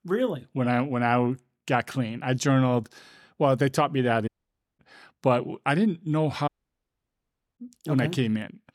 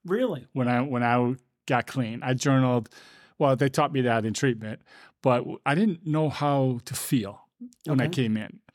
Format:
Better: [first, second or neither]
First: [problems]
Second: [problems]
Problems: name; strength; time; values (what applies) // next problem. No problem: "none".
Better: second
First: audio cutting out; at 4.5 s for 0.5 s and at 6.5 s for 1 s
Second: none